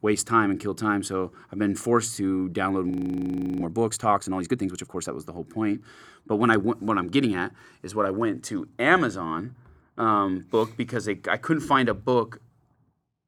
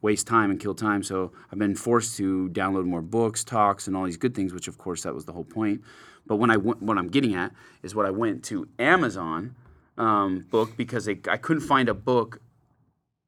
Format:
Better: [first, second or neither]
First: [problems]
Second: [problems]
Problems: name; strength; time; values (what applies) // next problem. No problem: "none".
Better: second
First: audio freezing; at 3 s for 0.5 s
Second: none